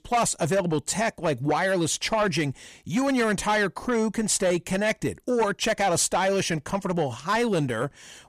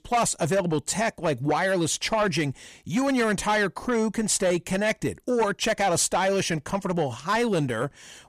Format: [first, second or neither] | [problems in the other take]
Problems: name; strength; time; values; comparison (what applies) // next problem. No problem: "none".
neither | distortion; slight; 10 dB below the speech; the same in both